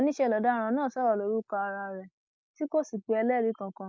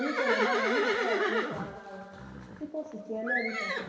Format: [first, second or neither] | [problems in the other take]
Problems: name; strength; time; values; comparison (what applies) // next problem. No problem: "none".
first | background sound (Livestock, farm animals, working animals); 4 dB above the speech // room echo; dies away in 2.1 s